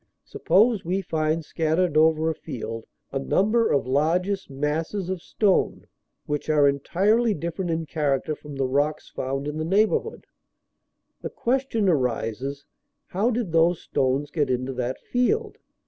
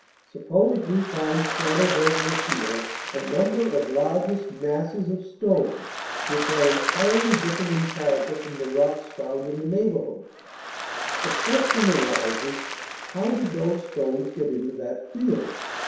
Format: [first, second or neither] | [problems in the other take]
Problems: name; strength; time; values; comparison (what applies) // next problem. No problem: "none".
first | background sound (Applause); 6 dB below the speech // room echo; dies away in 0.7 s